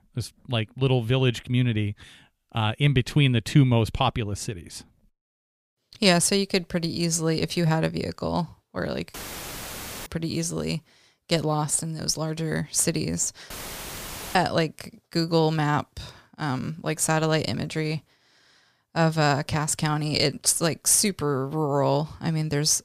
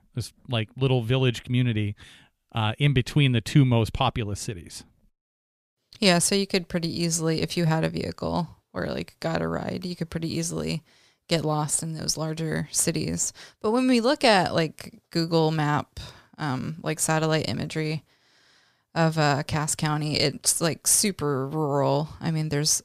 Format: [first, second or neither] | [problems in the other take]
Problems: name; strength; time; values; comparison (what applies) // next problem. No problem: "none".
second | audio cutting out; filled with static; at 9 s for 1 s and at 14 s for 1 s